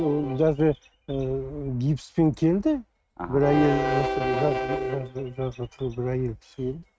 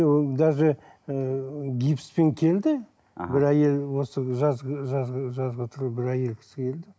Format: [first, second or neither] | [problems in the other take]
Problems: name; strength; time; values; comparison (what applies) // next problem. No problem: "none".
second | noise reduction (neural mask model RNNoise)